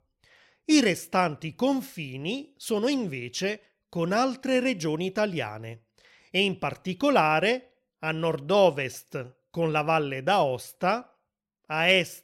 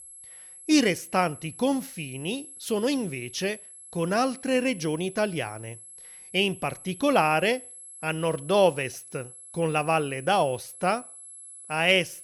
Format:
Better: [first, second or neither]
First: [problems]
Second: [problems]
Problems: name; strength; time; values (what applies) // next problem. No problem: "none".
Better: first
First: none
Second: high-pitched whine; noticeable; throughout; 11 kHz, 15 dB below the speech